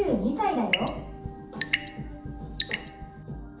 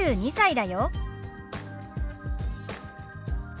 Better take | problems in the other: second | background sound (Drip / Sink (filling or washing) / Water tap, faucet / Water); 4 dB below the speech // room echo; dies away in 0.5 s

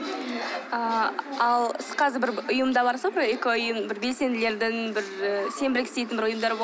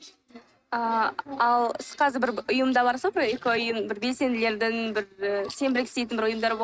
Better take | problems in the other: first | noise reduction (neural mask model RNNoise)

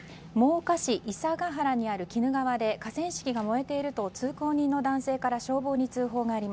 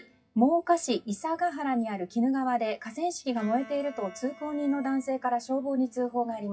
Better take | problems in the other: first | noise reduction (classical method WPE with log-MMSE)

